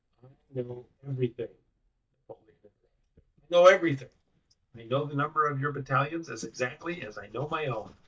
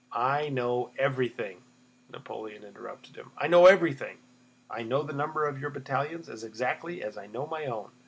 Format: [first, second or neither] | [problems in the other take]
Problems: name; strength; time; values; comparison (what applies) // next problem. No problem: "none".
second | noise reduction (neural mask model DeepFilterNet 3)